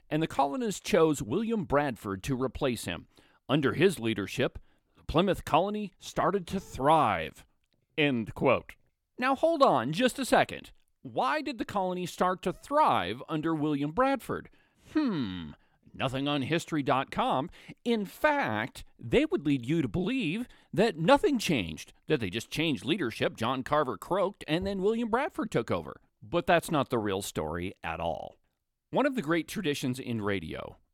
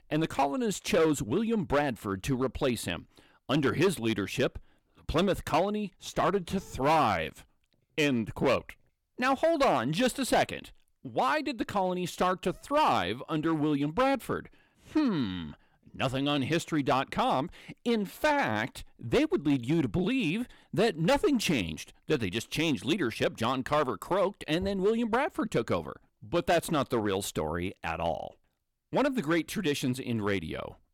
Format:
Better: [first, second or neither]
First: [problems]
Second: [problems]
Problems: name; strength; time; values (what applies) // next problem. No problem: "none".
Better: first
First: none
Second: distortion; slight; 4% of the sound clipped